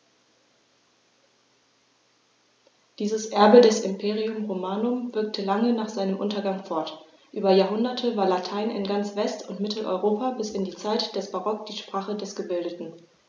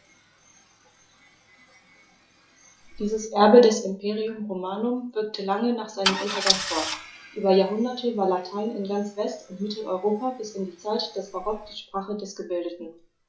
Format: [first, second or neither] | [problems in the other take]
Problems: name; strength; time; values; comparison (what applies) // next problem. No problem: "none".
first | noise reduction (classical method log-MMSE)